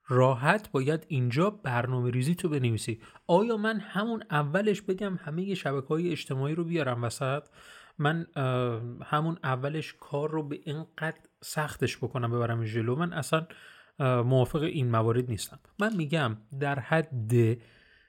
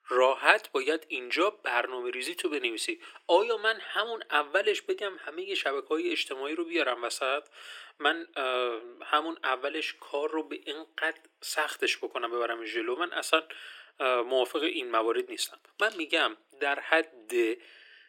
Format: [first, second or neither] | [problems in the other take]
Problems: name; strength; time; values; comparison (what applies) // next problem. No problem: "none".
first | thin; very; fading below 300 Hz